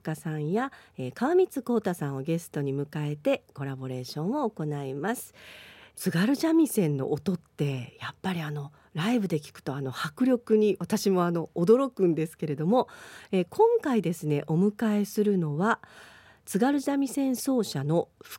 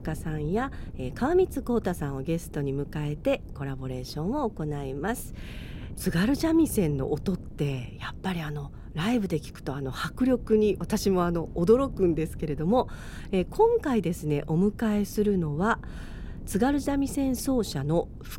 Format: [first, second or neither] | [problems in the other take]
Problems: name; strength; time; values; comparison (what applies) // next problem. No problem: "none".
first | wind noise on the microphone; occasional gusts; 20 dB below the speech